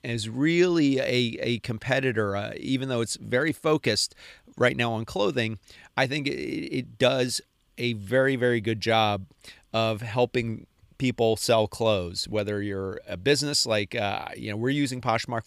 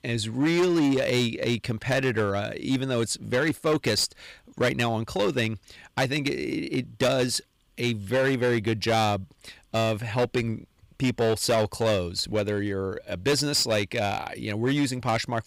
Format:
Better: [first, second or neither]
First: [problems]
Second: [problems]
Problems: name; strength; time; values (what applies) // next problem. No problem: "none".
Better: first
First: none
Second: distortion; slight; 8% of the sound clipped